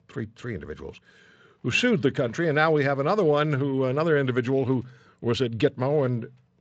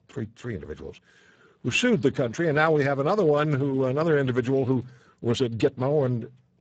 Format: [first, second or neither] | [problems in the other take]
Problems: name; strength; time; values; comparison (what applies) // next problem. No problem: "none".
first | garbled, watery; badly; nothing above 7.5 kHz; slightly in the first